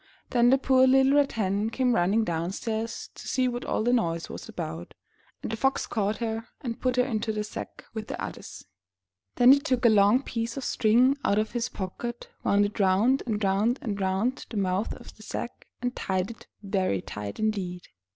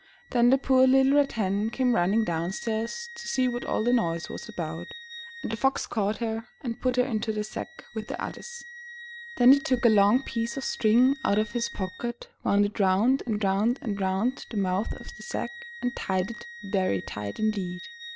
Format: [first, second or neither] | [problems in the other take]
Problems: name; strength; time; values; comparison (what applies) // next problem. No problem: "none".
first | background sound (Wind instrument, woodwind instrument); 18 dB below the speech